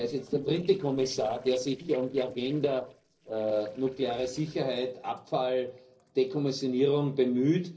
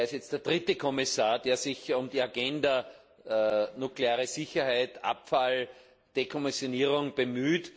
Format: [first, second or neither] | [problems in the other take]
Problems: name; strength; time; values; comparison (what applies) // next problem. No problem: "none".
second | noise reduction (neural separator model SepFormer DNS4)